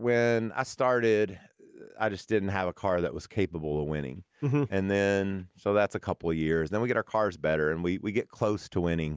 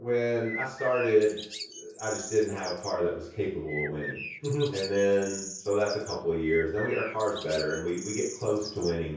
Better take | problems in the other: first | background sound (Bird); 11 dB below the speech // room echo; dies away in 0.6 s

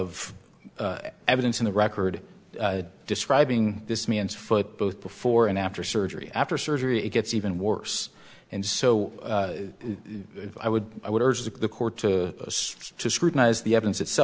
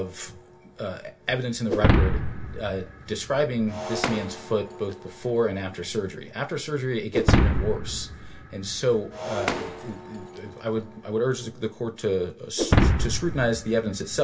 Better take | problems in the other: first | background sound (Shatter); as loud as the speech // room echo; dies away in 0.2 s

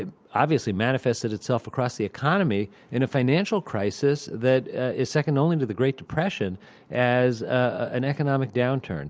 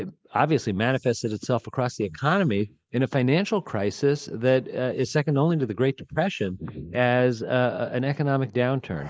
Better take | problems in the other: first | noise reduction (neural mask model Resemble Enhance denoiser)

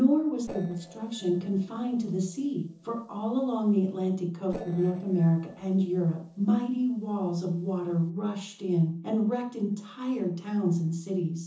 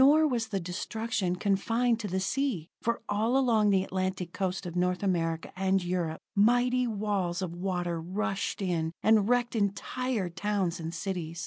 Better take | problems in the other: second | noise reduction (neural separator model SepFormer DNS4)

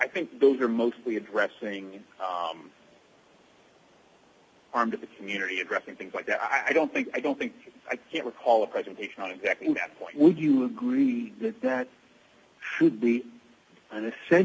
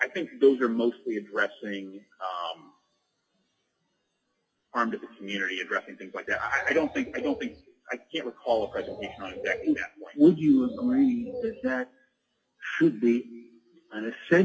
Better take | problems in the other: first | noise reduction (classical method WPE with log-MMSE)

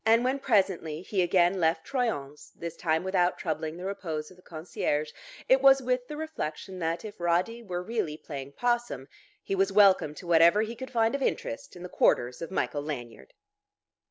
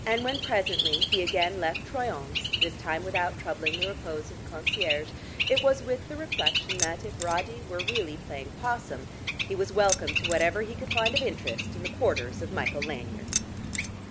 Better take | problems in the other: first | background sound (Bird + Keys jangling); 1 dB below the speech

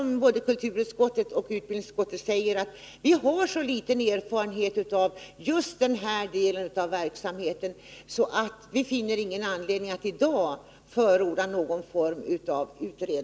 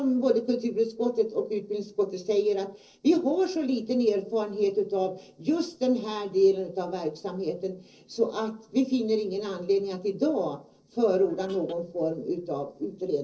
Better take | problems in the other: first | noise reduction (neural separator model SepFormer DNS4)

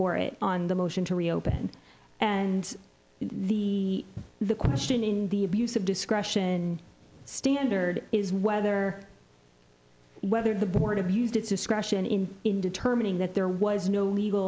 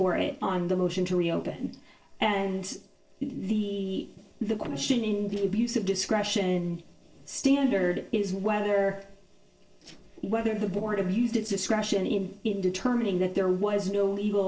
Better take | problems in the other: first | noise reduction (neural separator model SepFormer DNS4)

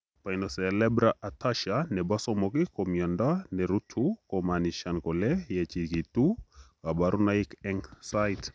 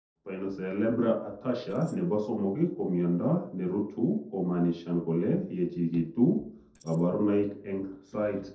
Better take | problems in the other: first | noise reduction (neural separator model SepFormer DNS4)

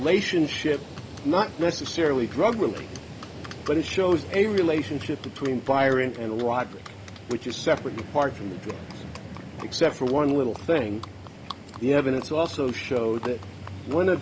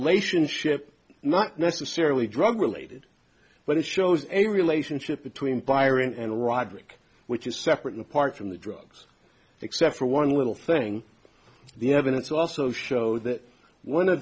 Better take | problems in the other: second | background sound (Livestock, farm animals, working animals); 13 dB below the speech

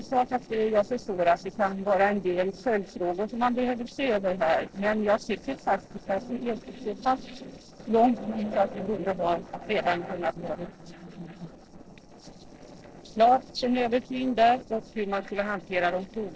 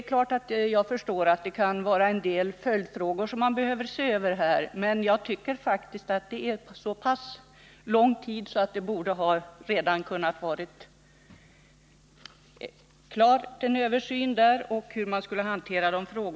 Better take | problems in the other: second | noise reduction (neural separator model SepFormer DNS4)

